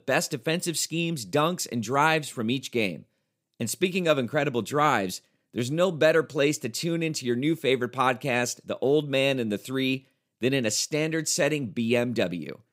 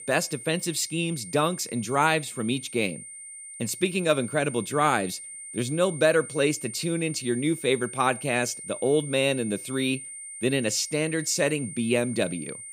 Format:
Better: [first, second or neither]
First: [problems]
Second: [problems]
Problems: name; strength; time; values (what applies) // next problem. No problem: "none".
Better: first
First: none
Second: high-pitched whine; noticeable; throughout; 9 kHz, 10 dB below the speech